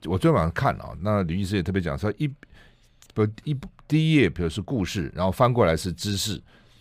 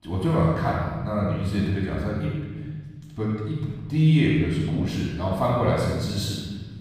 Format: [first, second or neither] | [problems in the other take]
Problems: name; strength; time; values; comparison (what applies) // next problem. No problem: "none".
first | off-mic speech; far // room echo; strong; dies away in 1.4 s